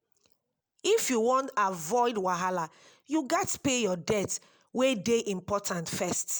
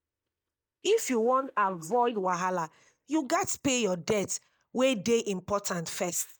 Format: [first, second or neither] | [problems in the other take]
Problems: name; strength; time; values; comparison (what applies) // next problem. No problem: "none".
first | noise reduction (neural mask model DeepFilterNet 3)